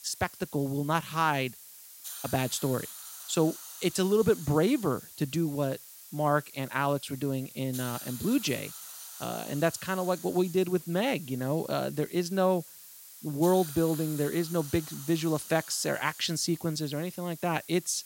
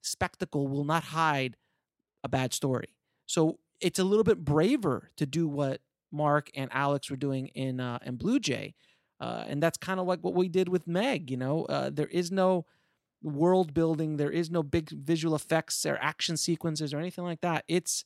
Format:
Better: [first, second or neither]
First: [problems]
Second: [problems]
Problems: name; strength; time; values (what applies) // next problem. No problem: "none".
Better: second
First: hiss; noticeable; throughout; 15 dB below the speech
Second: none